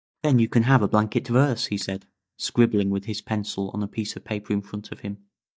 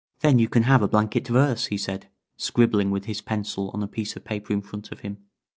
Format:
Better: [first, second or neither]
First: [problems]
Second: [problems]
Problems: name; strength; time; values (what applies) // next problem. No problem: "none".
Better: second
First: noise reduction (neural mask model DeepFilterNet 3)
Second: none